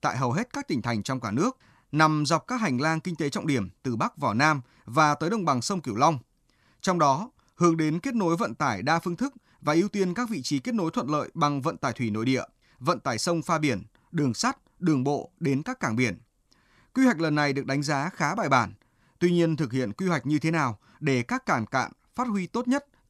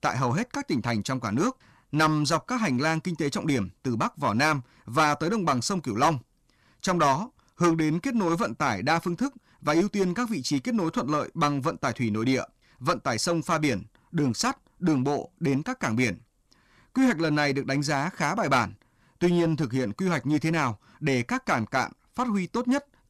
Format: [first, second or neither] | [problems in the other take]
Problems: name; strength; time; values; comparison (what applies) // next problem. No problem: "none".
first | distortion; slight; 5% of the sound clipped